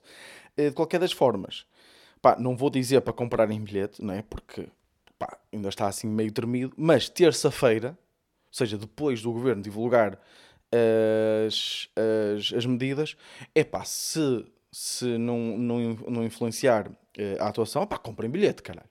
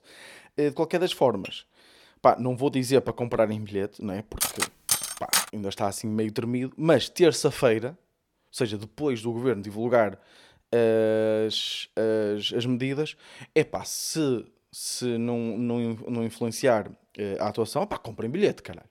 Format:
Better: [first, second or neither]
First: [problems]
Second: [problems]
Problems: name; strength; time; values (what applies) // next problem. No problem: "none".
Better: first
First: none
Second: clattering dishes; faint; at 1.5 s; peak 15 dB below the speech // clattering dishes; loud; from 4.5 to 5.5 s; peak 2 dB above the speech